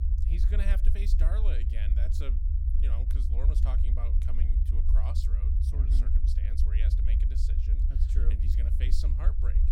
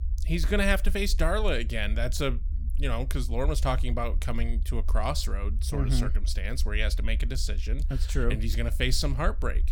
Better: second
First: low rumble; loud; throughout; 1 dB below the speech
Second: low rumble; faint; throughout; 20 dB below the speech

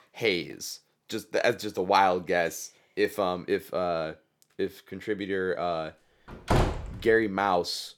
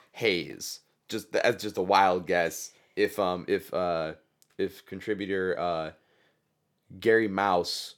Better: second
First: door banging; loud; at 6.5 s; peak 2 dB above the speech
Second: none

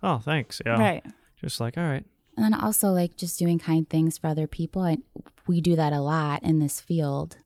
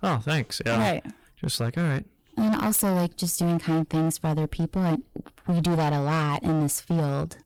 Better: first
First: none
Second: distortion; heavy; 19% of the sound clipped

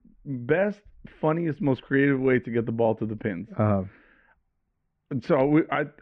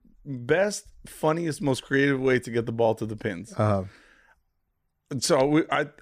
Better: second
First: muffled; very; fading above 2.5 kHz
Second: none

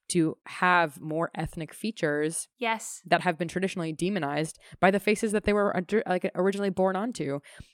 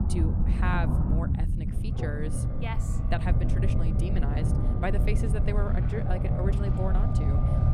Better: first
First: none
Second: low rumble; loud; throughout; 2 dB below the speech

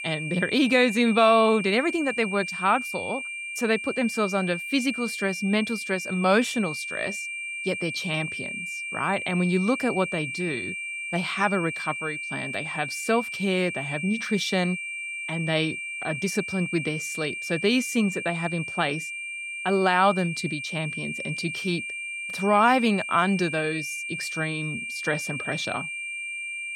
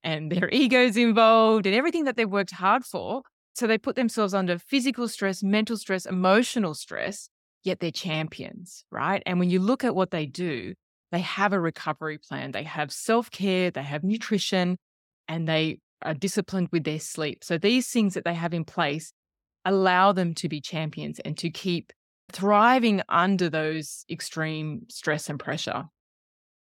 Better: second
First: high-pitched whine; loud; throughout; 2.5 kHz, 5 dB below the speech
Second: none

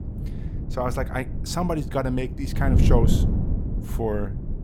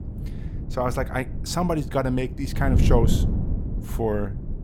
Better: second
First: wind noise on the microphone; heavy; 8 dB below the speech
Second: wind noise on the microphone; occasional gusts; 10 dB below the speech

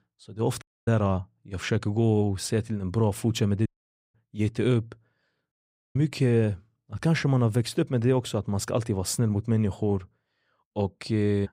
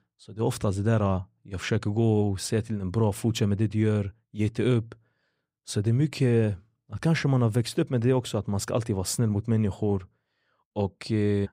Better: second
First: audio cutting out; at 0.5 s, at 3.5 s and at 5.5 s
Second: none

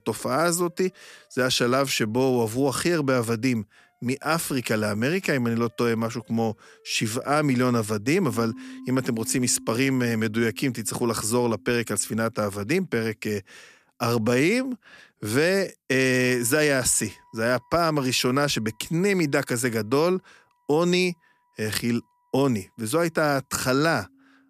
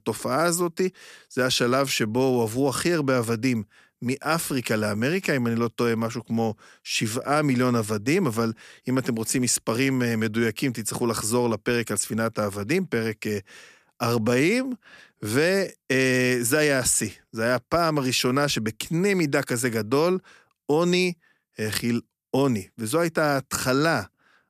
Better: second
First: background music; faint; throughout; 25 dB below the speech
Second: none

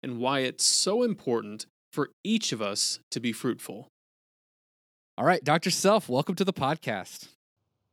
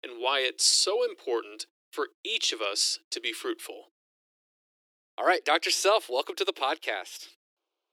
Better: first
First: none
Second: thin; very; fading below 350 Hz

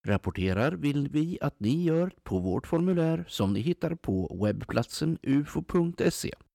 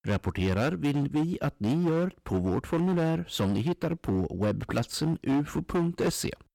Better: first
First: none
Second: distortion; slight; 15% of the sound clipped

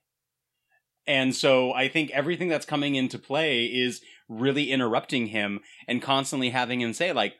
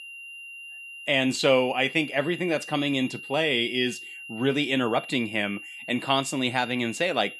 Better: first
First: none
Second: high-pitched whine; noticeable; throughout; 3 kHz, 15 dB below the speech

